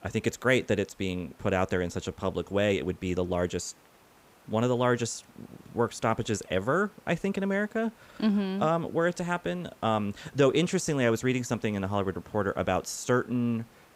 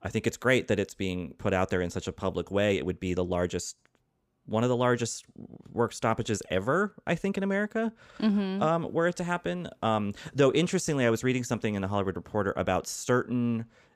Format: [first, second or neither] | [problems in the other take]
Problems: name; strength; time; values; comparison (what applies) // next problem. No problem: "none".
second | hiss; faint; throughout; 30 dB below the speech